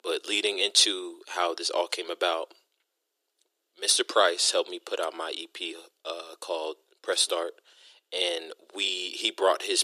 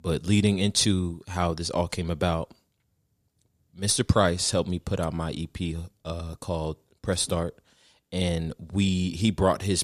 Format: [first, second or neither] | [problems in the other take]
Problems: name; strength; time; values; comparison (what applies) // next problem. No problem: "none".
second | thin; very; fading below 350 Hz